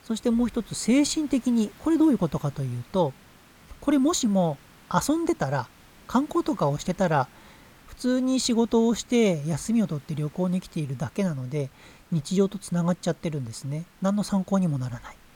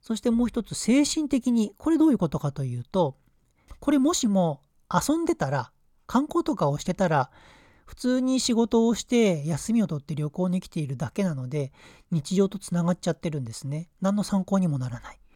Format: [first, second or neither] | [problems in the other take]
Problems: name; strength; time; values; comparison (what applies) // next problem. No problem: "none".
second | hiss; faint; throughout; 25 dB below the speech